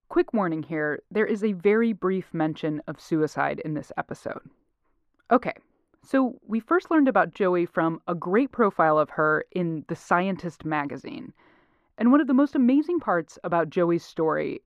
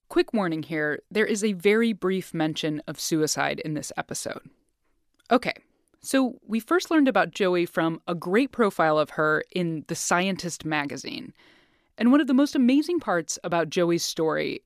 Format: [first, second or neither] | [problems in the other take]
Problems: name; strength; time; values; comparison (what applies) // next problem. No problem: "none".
second | muffled; very; fading above 3 kHz